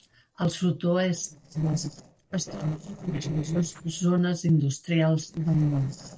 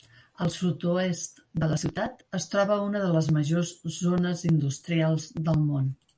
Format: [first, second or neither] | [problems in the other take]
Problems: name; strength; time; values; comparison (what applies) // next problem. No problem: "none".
second | noise reduction (neural separator model SepFormer DNS4)